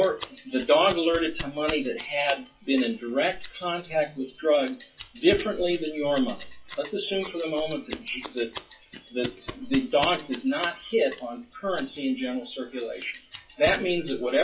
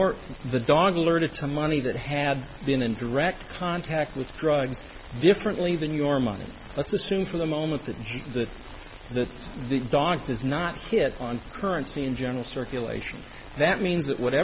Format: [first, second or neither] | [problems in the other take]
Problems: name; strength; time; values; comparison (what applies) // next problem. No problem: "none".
second | noise reduction (classical method WPE with log-MMSE)